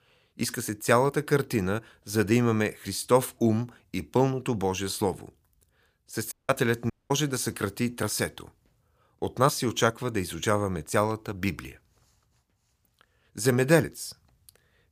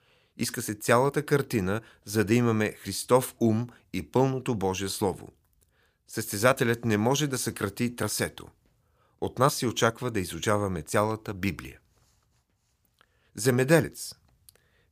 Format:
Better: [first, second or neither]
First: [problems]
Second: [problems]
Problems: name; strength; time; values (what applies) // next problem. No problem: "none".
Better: second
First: audio cutting out; at 6.5 s and at 7 s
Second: none